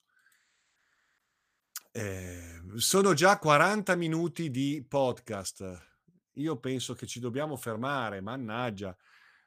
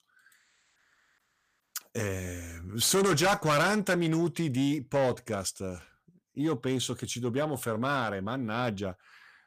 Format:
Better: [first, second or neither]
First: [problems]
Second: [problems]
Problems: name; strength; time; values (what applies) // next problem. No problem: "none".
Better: first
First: none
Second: distortion; heavy; 7 dB below the speech